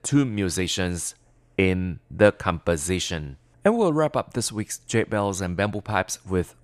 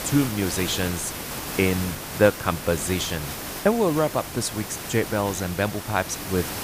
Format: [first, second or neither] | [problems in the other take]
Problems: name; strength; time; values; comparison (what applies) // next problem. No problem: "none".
first | hiss; loud; throughout; 7 dB below the speech